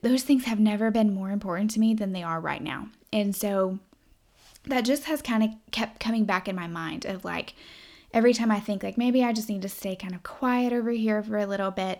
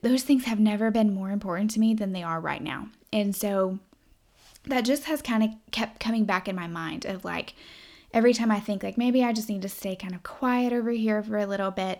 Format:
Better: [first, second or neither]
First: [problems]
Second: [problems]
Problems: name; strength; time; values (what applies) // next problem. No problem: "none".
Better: neither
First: none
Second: none